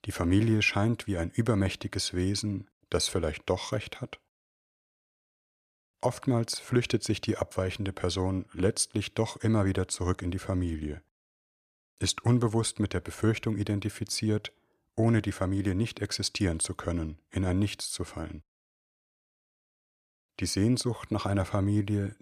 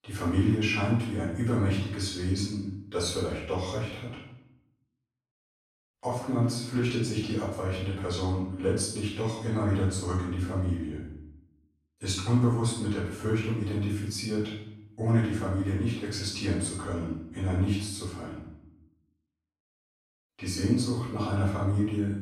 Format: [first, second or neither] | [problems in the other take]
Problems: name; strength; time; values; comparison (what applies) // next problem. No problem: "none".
first | off-mic speech; far // room echo; noticeable; dies away in 0.7 s